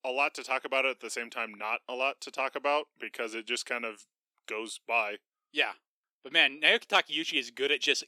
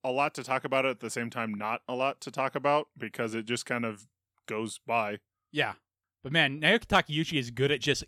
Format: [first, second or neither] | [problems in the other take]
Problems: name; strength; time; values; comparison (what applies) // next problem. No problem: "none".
second | thin; somewhat; fading below 300 Hz